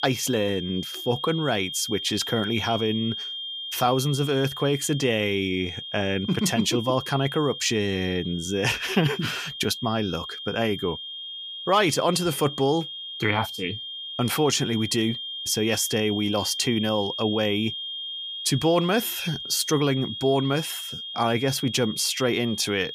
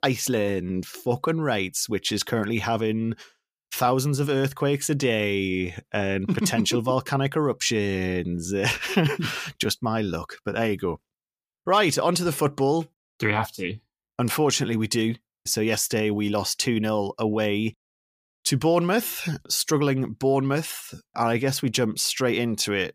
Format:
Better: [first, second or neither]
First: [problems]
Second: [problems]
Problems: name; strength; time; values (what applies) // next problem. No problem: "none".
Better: second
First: high-pitched whine; loud; throughout; 3 kHz, 7 dB below the speech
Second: none